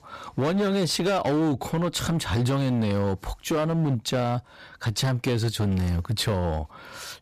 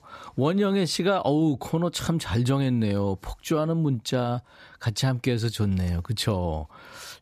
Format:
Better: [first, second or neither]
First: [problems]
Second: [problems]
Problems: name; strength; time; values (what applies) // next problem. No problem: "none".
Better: second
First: distortion; slight; 18% of the sound clipped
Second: none